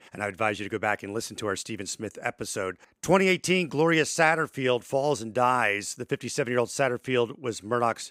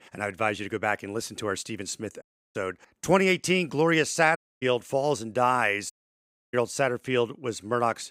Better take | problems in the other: first | audio cutting out; at 2 s, at 4.5 s and at 6 s for 0.5 s

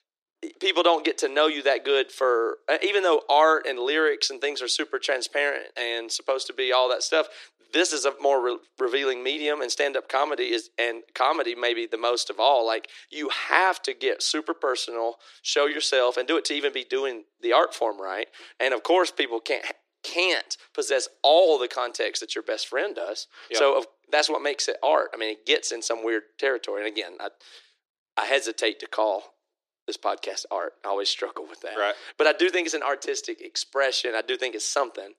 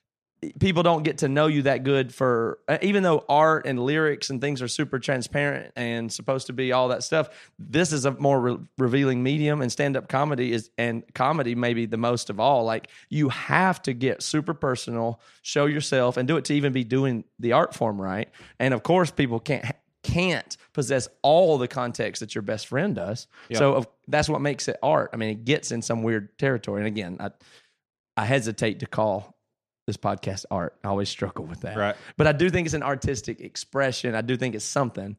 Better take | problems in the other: second | thin; very; fading below 300 Hz

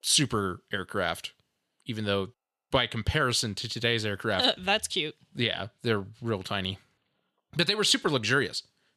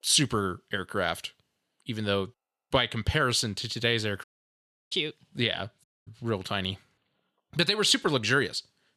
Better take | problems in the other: first | audio cutting out; at 4 s for 0.5 s and at 6 s

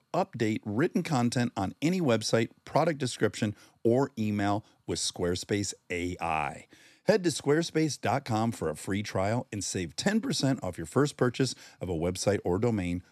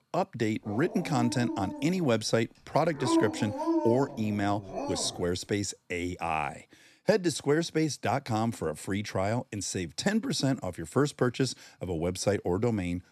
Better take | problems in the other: first | dog barking; loud; from 0.5 to 5 s; peak 2 dB above the speech

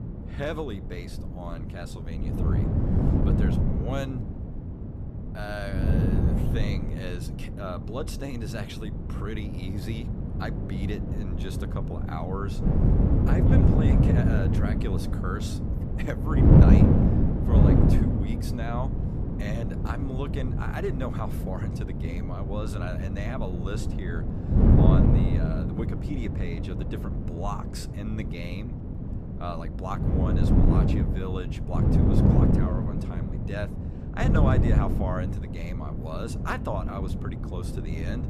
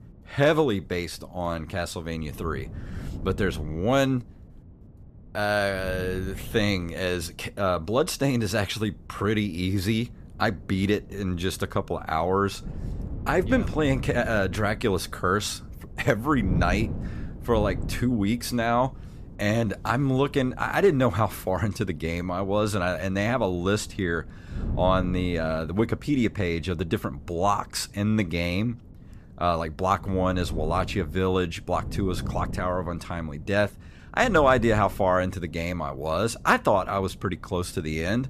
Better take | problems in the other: second | wind noise on the microphone; heavy; 2 dB above the speech; occasional gusts in the second

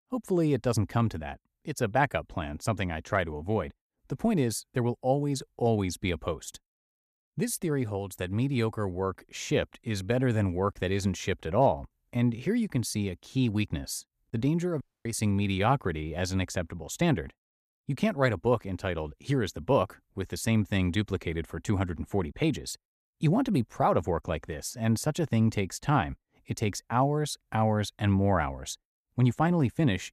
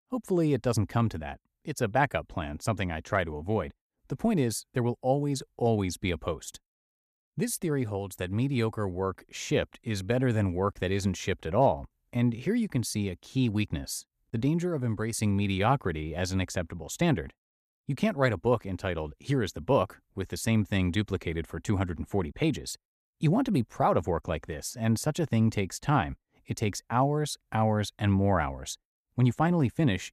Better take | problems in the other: second | audio cutting out; at 15 s

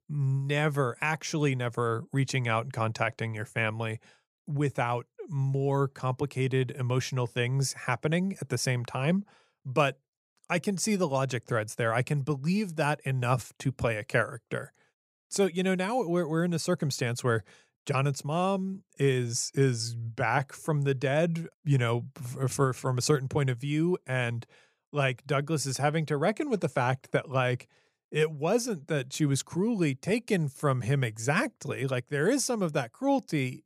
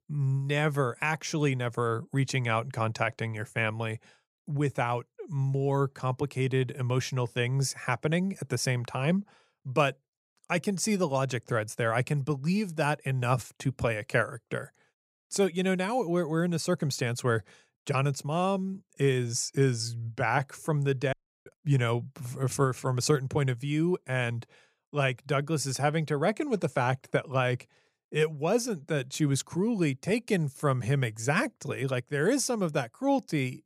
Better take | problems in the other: first | audio cutting out; at 21 s

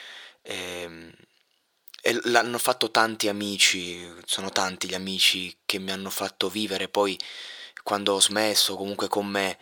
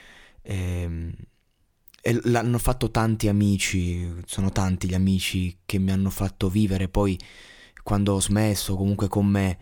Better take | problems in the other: second | thin; very; fading below 500 Hz

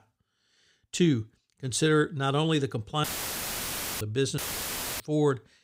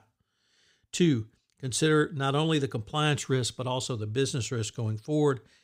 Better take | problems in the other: second | audio cutting out; filled with static; at 3 s for 1 s and at 4.5 s for 0.5 s

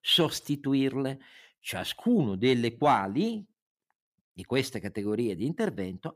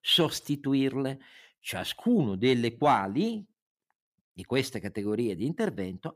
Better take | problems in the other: neither | none

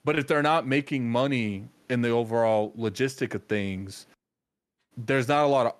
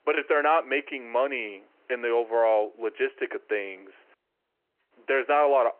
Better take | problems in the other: first | phone-call audio

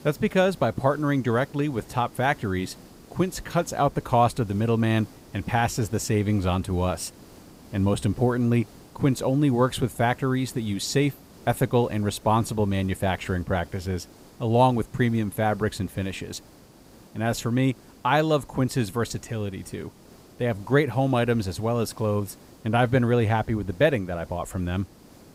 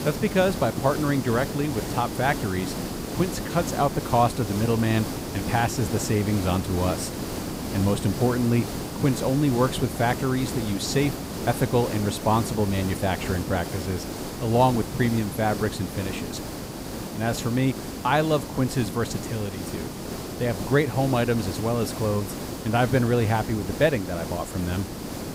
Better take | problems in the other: first | hiss; loud; throughout; 7 dB below the speech; faint in the first

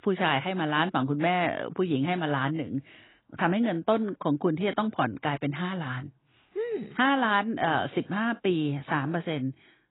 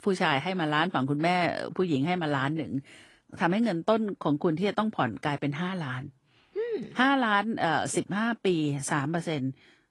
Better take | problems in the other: second | garbled, watery; badly; nothing above 3.5 kHz; slightly in the second

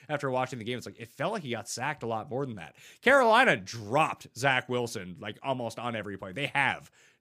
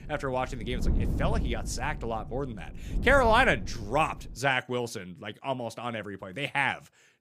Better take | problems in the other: first | wind noise on the microphone; occasional gusts; until 4.5 s; 20 dB below the speech

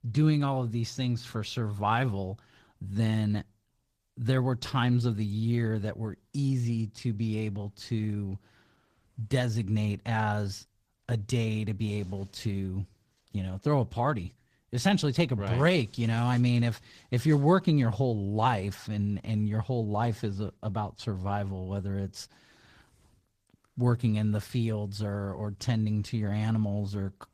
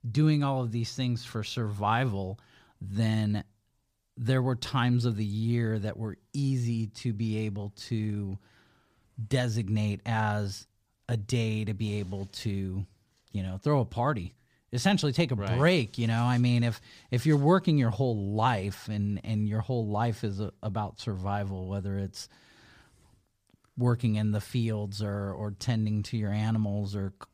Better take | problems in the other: second | garbled, watery; slightly; nothing above 14.5 kHz

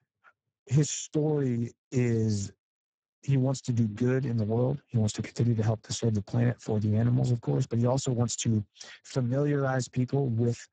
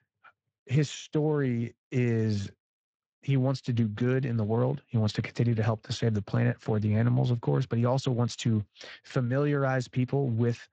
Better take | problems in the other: second | garbled, watery; badly; nothing above 7.5 kHz; slightly in the second

